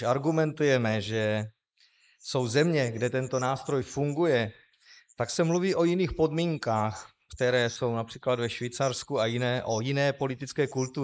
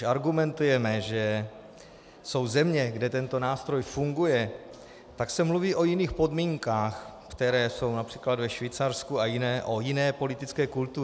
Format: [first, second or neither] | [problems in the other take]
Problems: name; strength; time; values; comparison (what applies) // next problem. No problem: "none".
second | noise reduction (neural mask model Resemble Enhance denoiser)